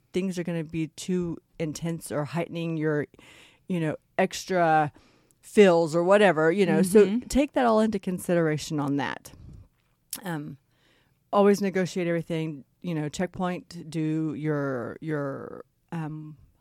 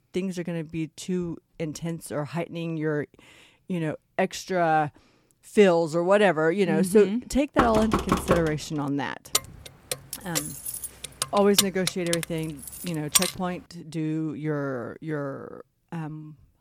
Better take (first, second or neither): first